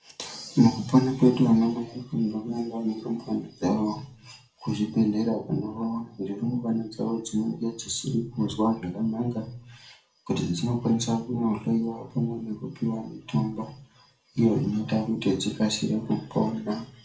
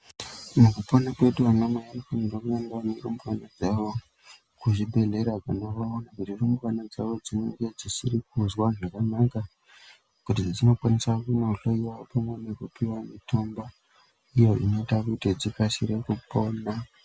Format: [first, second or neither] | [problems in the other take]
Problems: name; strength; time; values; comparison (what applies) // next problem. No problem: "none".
second | room echo; dies away in 0.4 s